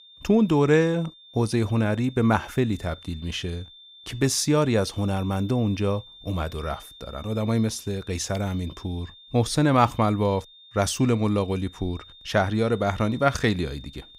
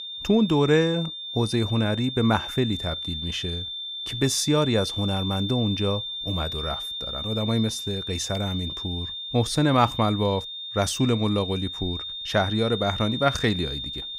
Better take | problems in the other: first | high-pitched whine; loud; throughout; 3.5 kHz, 6 dB below the speech; faint in the first

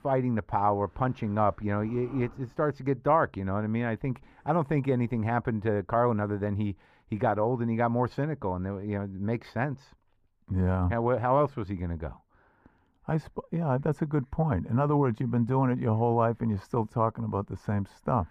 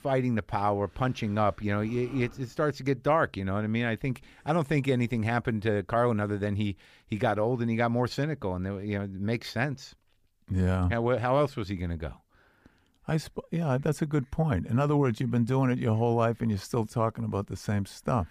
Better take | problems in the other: second | muffled; very; fading above 2.5 kHz

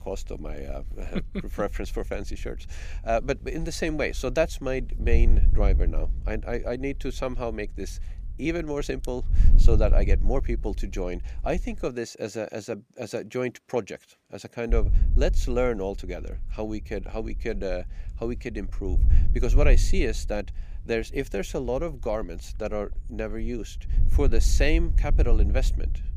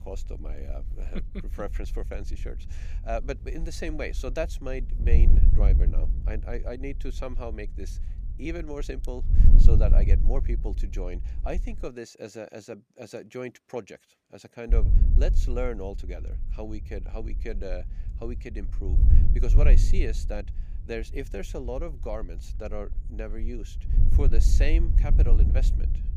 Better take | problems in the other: first | wind noise on the microphone; heavy; until 12 s and from 15 s on; 8 dB below the speech; occasional gusts in the first

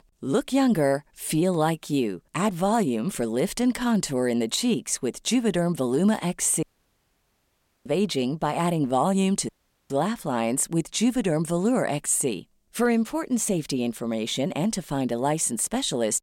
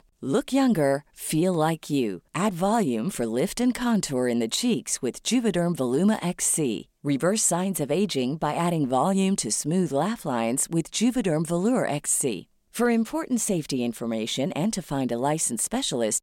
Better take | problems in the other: second | audio cutting out; at 6.5 s for 1 s and at 9.5 s

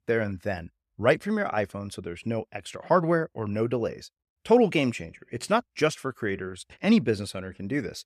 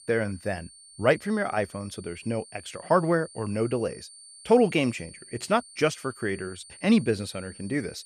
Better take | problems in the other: first | high-pitched whine; noticeable; throughout; 9 kHz, 20 dB below the speech

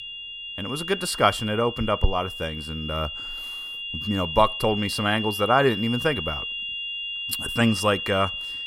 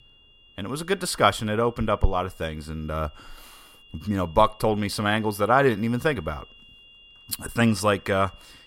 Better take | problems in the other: second | high-pitched whine; loud; throughout; 3 kHz, 6 dB below the speech; faint in the second

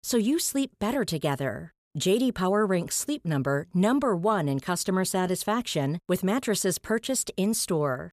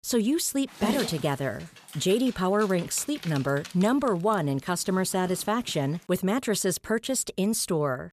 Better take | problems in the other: first | dog barking; noticeable; from 1 to 5.5 s; peak 3 dB below the speech

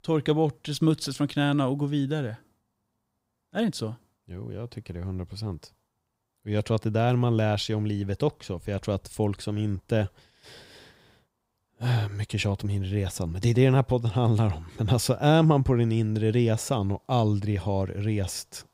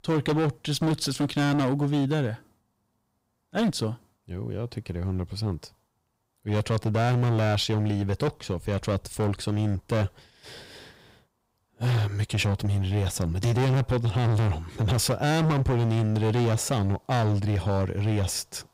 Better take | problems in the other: first | distortion; heavy; 16% of the sound clipped

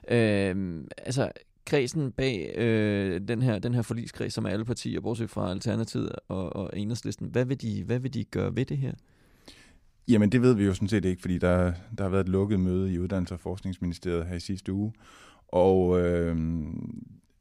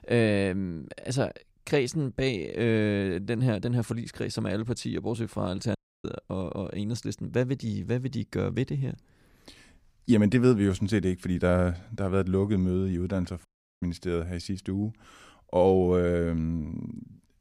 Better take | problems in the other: first | audio cutting out; at 6 s and at 13 s

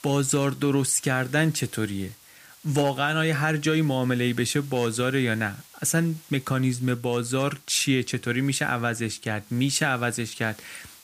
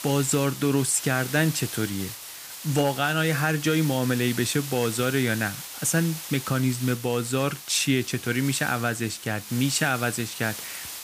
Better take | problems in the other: first | hiss; loud; throughout; 10 dB below the speech; faint in the first

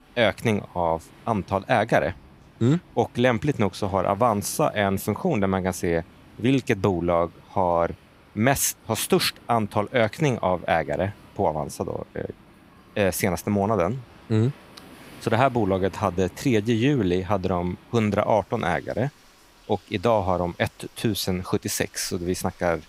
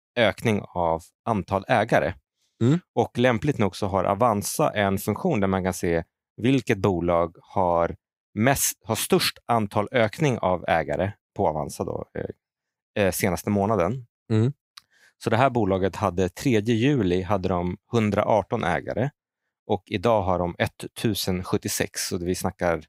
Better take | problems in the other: second | rain or running water; faint; throughout; 25 dB below the speech

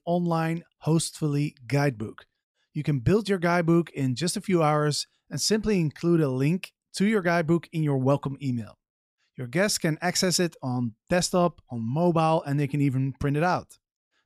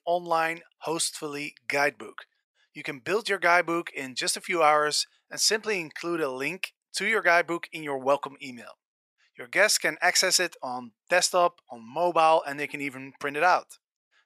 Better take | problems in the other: first | thin; very; fading below 650 Hz

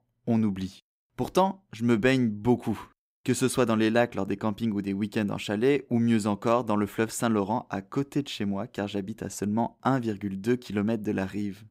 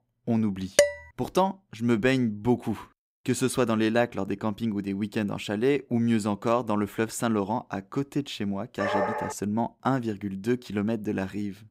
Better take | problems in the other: first | clattering dishes; loud; at 1 s; peak 5 dB above the speech // dog barking; loud; at 9 s; peak level with the speech

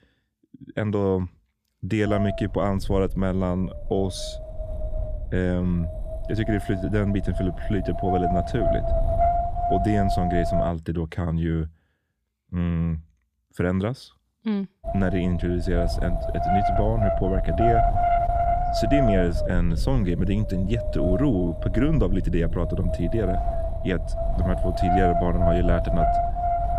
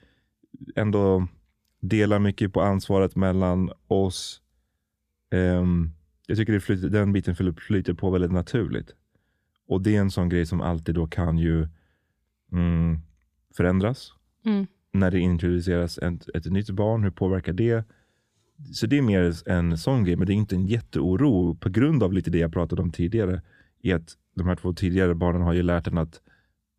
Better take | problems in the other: second | wind noise on the microphone; heavy; from 2 to 11 s and from 15 s on; 4 dB above the speech

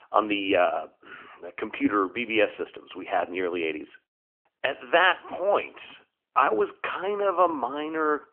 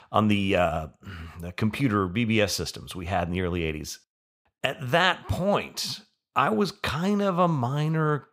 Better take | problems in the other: second | phone-call audio; nothing above 3 kHz

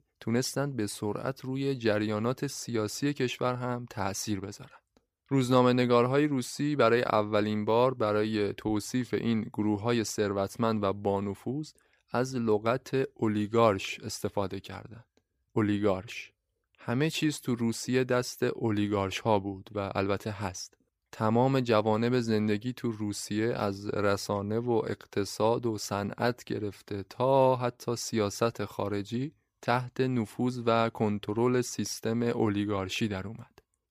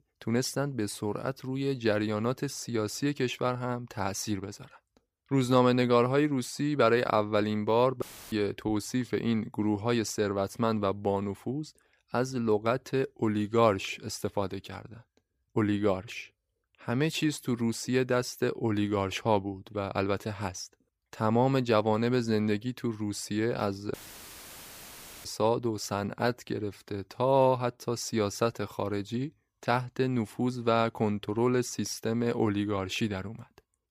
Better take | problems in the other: first | audio cutting out; filled with static; at 8 s and at 24 s for 1.5 s

